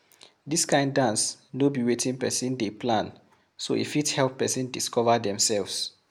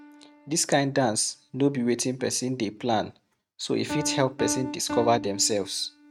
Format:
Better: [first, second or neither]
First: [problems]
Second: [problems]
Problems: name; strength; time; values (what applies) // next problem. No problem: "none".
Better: first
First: none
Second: noise reduction (neural mask model RNNoise)